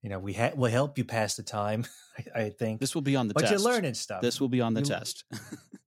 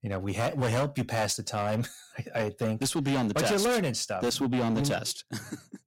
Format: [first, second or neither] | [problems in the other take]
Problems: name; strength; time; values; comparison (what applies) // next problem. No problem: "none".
first | distortion; heavy; 13% of the sound clipped